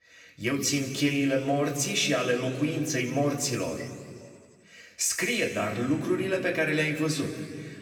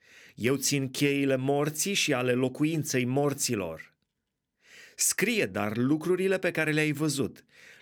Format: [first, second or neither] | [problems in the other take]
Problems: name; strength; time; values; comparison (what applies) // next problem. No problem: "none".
second | room echo; slight; dies away in 2.1 s // off-mic speech; somewhat distant